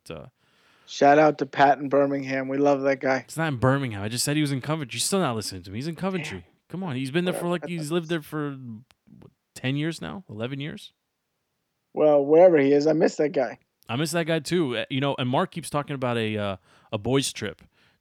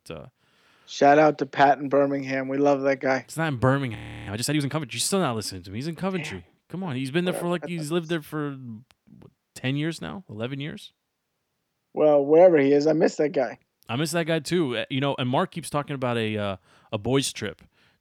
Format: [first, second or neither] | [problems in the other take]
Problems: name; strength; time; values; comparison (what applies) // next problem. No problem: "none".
first | audio freezing; at 4 s